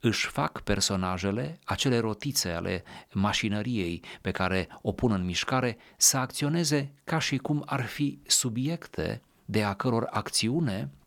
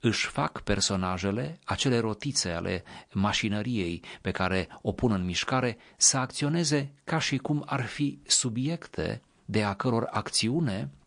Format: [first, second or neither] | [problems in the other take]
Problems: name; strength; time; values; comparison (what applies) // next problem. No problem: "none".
first | garbled, watery; slightly